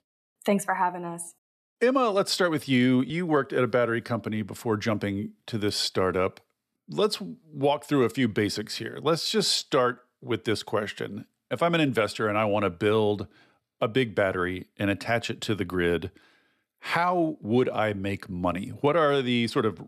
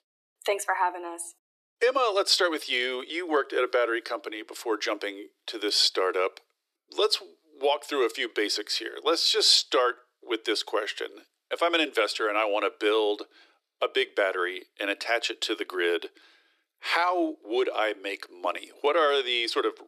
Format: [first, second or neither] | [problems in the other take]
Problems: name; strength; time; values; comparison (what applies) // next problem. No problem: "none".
first | thin; very; fading below 300 Hz